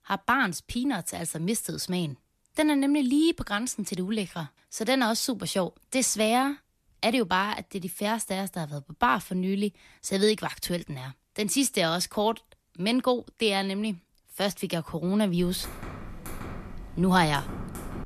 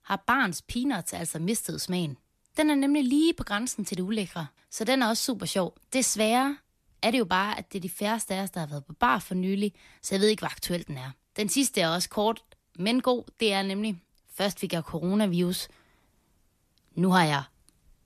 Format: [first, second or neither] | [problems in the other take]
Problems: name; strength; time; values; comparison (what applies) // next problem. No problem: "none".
second | keyboard typing; faint; from 15 s on; peak 10 dB below the speech